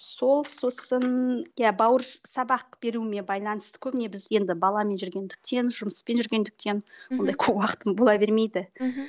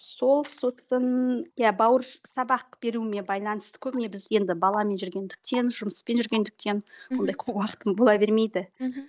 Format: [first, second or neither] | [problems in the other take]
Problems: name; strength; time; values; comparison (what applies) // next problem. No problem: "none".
first | noise reduction (neural mask model DeepFilterNet 3)